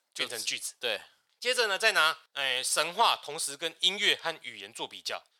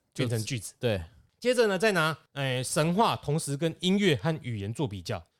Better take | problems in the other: second | thin; very; fading below 850 Hz

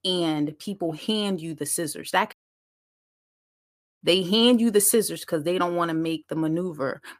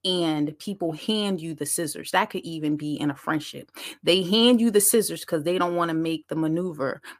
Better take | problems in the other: second | audio cutting out; at 2.5 s for 1.5 s

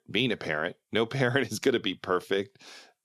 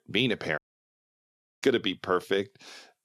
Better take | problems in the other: first | audio cutting out; at 0.5 s for 1 s

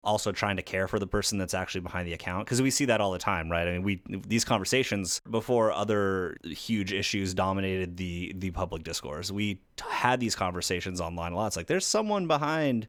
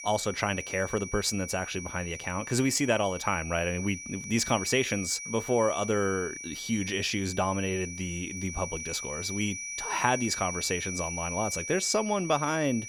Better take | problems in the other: first | high-pitched whine; loud; throughout; 2.5 kHz, 7 dB below the speech

